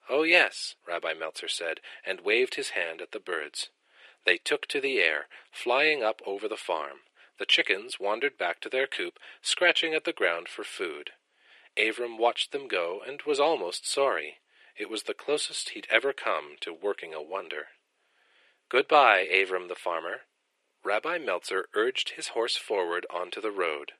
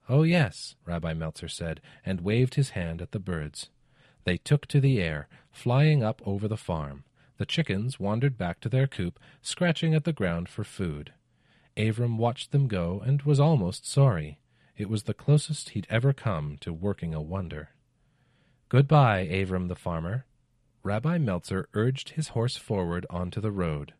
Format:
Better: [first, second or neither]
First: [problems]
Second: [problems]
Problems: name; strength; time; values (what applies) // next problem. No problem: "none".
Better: second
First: thin; very; fading below 350 Hz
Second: none